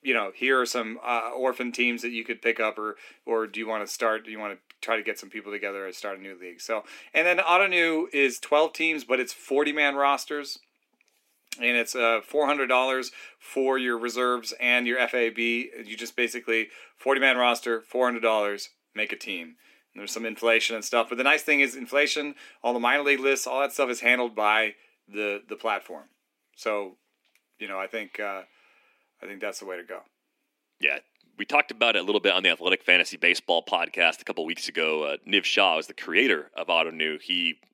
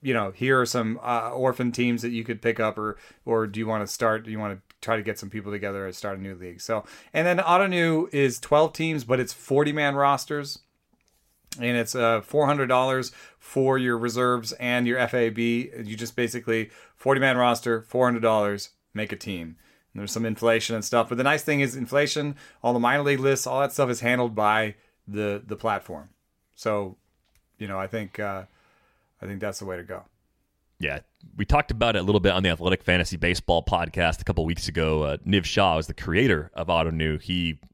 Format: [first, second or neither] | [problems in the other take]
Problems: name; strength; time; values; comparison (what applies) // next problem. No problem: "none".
second | thin; very slightly; fading below 250 Hz